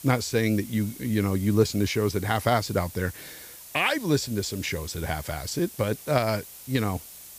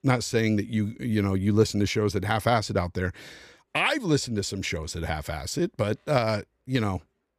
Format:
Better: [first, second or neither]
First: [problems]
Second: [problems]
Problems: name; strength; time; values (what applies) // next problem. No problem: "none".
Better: second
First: hiss; noticeable; throughout; 15 dB below the speech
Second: none